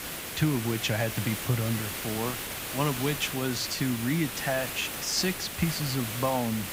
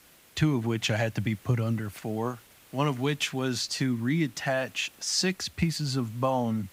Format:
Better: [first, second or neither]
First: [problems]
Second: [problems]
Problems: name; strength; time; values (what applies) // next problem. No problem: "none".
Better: second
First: hiss; loud; throughout; 4 dB below the speech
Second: hiss; faint; throughout; 25 dB below the speech